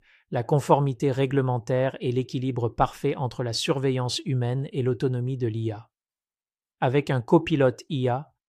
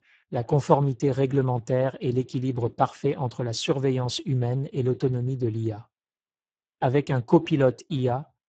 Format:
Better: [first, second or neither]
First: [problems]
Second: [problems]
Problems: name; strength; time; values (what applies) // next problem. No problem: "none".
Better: first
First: none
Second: garbled, watery; badly; nothing above 8 kHz